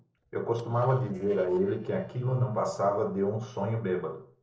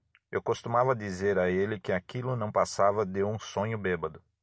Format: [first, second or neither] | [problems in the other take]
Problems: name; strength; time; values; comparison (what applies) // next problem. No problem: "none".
second | noise reduction (neural separator model SepFormer DNS4)